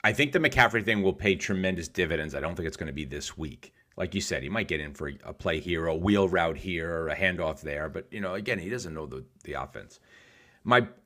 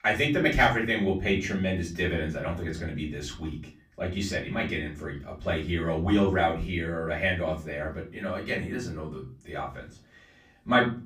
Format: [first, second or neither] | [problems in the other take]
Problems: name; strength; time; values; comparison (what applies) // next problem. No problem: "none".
first | off-mic speech; far // room echo; slight; dies away in 0.4 s